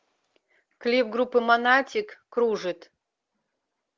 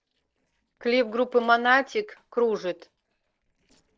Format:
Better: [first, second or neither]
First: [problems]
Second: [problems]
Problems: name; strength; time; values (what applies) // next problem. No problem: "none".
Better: first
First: none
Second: noise reduction (neural separator model SepFormer DNS4)